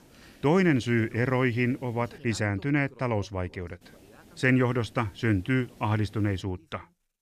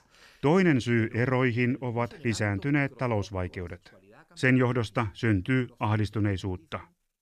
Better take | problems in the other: second | hiss; faint; until 2 s and from 4 to 6.5 s; 25 dB below the speech

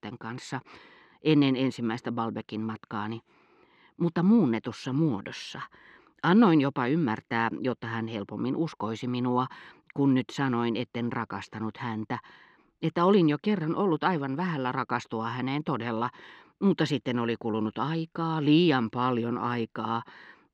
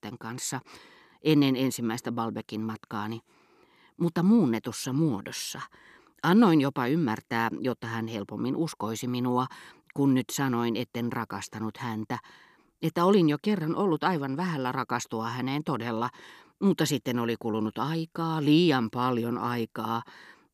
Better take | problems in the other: second | muffled; slightly; fading above 3 kHz

